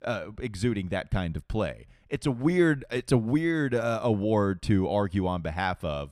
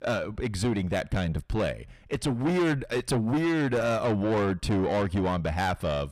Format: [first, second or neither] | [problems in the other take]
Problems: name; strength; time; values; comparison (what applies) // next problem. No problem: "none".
first | distortion; heavy; 7 dB below the speech